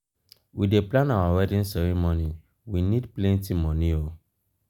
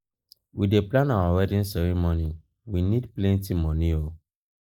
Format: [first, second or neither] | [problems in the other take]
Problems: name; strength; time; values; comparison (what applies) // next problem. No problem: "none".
first | noise reduction (neural mask model Resemble Enhance denoiser)